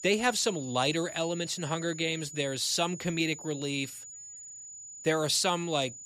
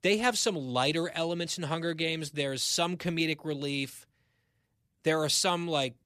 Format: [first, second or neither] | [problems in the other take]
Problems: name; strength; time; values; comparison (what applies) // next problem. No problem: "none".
second | high-pitched whine; noticeable; throughout; 7 kHz, 15 dB below the speech